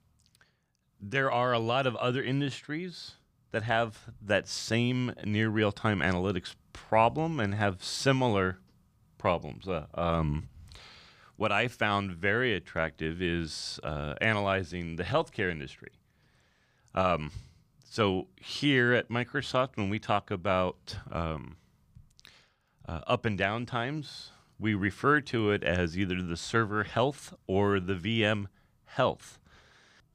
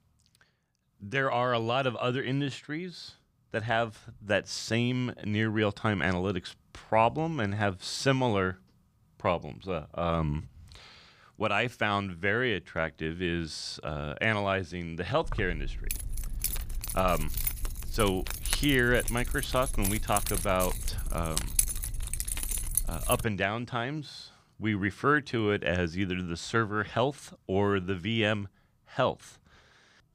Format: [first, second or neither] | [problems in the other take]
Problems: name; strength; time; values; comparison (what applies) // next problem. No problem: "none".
first | jangling keys; loud; from 15 to 23 s; peak 3 dB above the speech